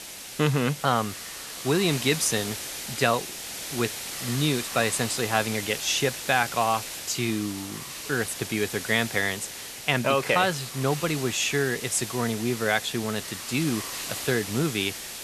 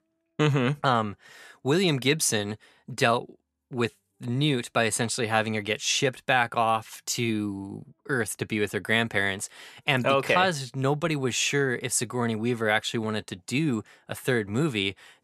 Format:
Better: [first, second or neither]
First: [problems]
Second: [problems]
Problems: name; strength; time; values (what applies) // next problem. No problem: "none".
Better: second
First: hiss; loud; throughout; 7 dB below the speech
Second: none